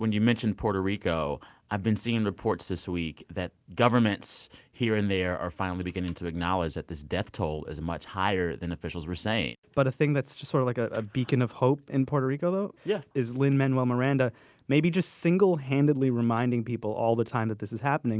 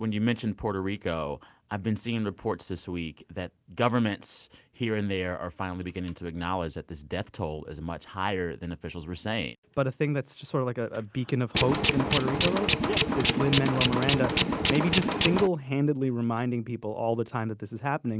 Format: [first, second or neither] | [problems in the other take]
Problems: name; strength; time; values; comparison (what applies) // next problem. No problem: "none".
first | background sound (Tools); 3 dB above the speech